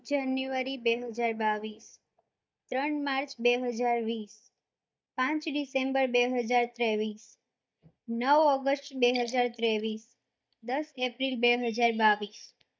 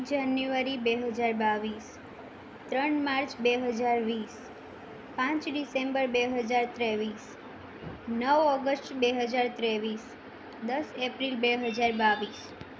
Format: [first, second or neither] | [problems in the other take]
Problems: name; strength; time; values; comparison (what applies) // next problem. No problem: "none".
second | noise reduction (neural mask model DeepFilterNet 3)